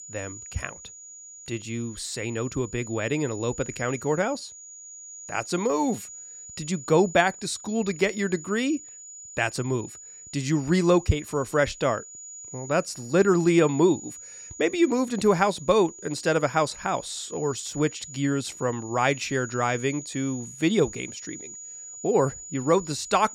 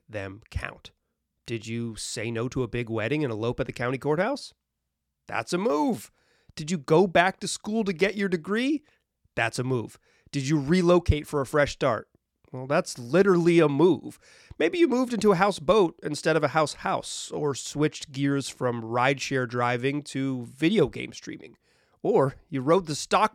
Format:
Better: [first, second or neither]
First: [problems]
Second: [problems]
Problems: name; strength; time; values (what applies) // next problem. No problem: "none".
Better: second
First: high-pitched whine; noticeable; throughout; 7 kHz, 15 dB below the speech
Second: none